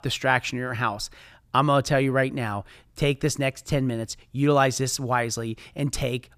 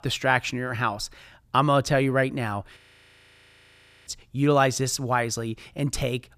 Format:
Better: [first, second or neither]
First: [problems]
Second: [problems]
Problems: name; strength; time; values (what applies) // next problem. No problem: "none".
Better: first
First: none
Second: audio freezing; at 3 s for 1.5 s